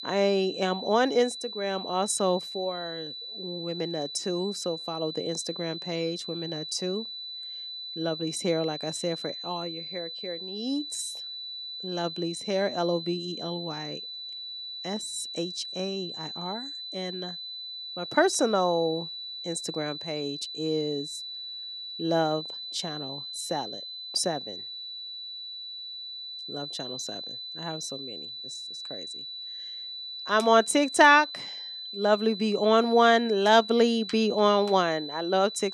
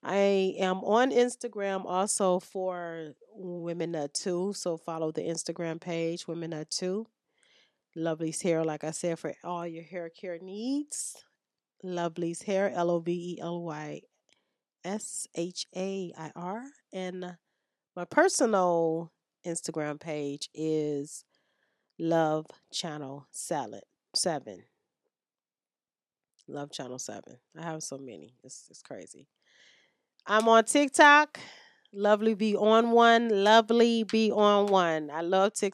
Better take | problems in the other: second | high-pitched whine; loud; throughout; 4 kHz, 9 dB below the speech

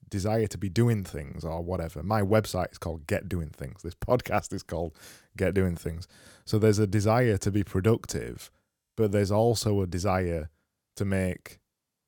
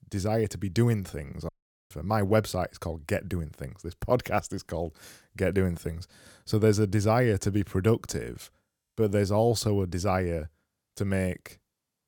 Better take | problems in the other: first | audio cutting out; at 1.5 s

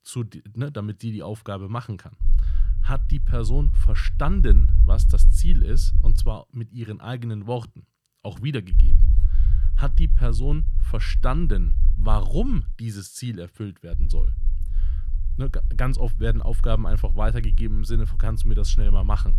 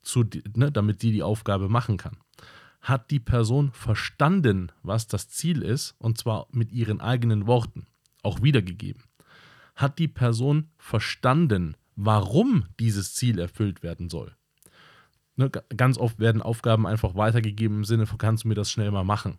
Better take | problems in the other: second | low rumble; noticeable; from 2 to 6.5 s, from 8.5 to 13 s and from 14 s on; 10 dB below the speech

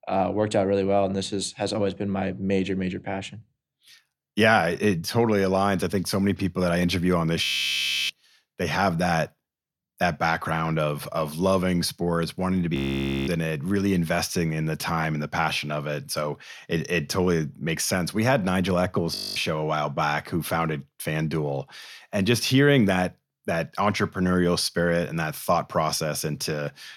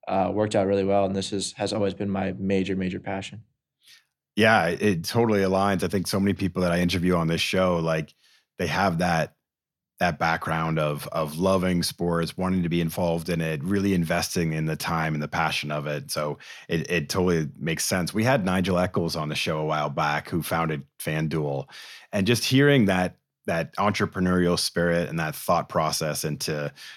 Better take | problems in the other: second | audio freezing; at 7.5 s for 0.5 s, at 13 s for 0.5 s and at 19 s

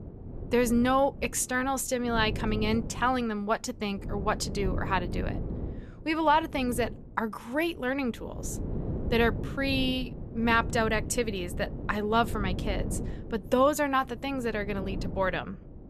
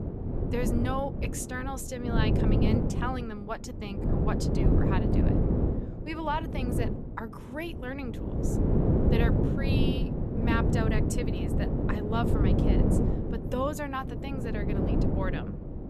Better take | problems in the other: first | wind noise on the microphone; heavy; as loud as the speech; occasional gusts in the first

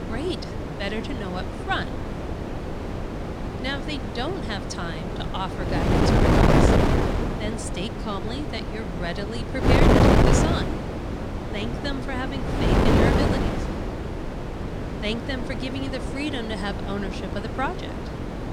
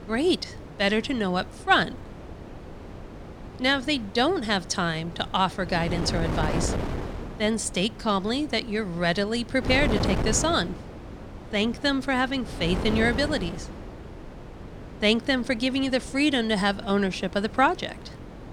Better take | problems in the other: second | wind noise on the microphone; heavy; 3 dB above the speech; occasional gusts in the second

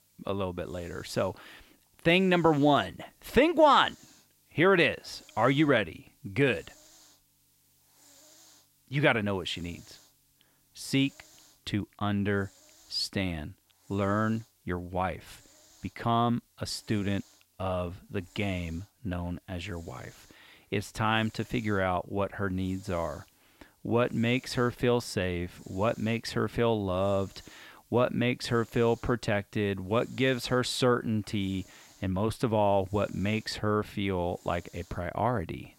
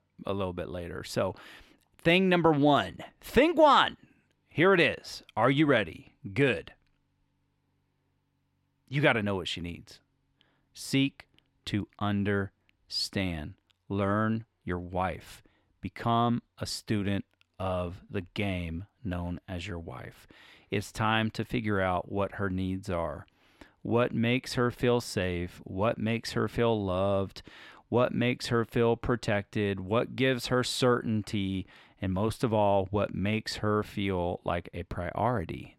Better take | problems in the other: second | hiss; faint; throughout; 30 dB below the speech

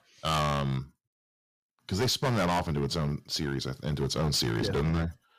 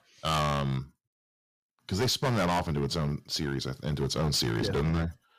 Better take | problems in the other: neither | distortion; heavy; 11% of the sound clipped; the same in both

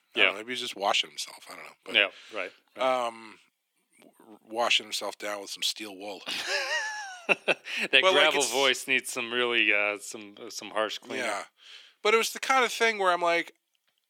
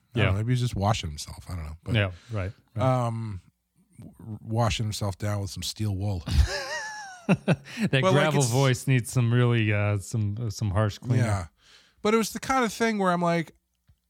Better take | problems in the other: second | thin; very; fading below 350 Hz

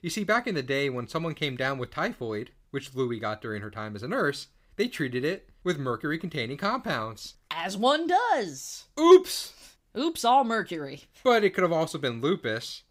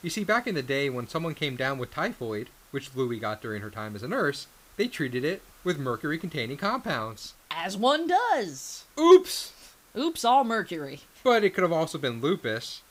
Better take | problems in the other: first | hiss; faint; throughout; 25 dB below the speech

